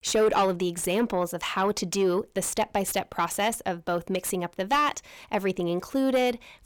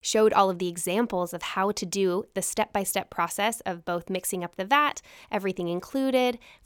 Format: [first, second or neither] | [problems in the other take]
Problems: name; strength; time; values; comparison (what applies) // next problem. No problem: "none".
second | distortion; slight; 10 dB below the speech